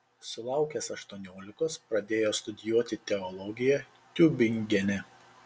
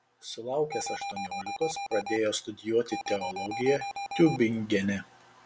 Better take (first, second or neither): first